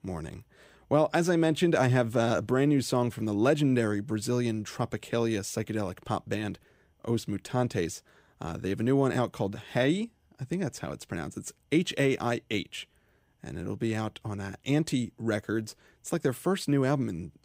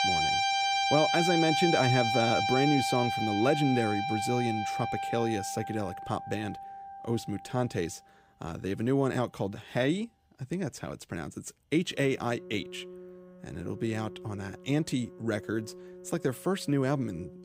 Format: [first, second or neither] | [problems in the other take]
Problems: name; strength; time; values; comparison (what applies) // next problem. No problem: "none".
first | background music; very loud; throughout; 1 dB above the speech